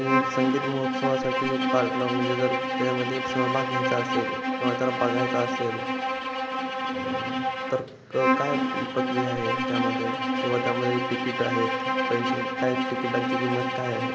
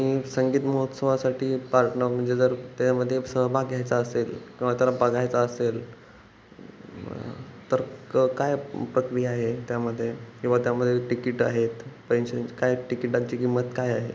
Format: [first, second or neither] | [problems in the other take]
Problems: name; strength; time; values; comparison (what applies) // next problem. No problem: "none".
second | background sound (Bowed string instrument); 2 dB above the speech